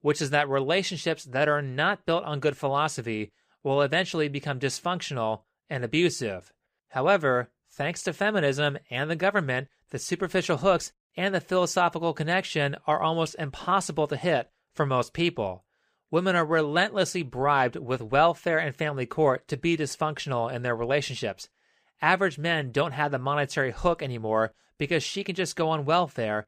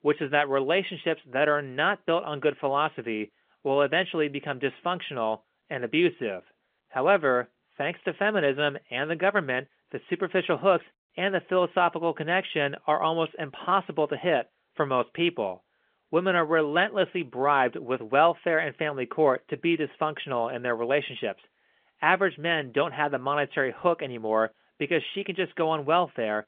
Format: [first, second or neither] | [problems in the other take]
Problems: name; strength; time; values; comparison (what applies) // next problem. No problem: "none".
first | phone-call audio; nothing above 3.5 kHz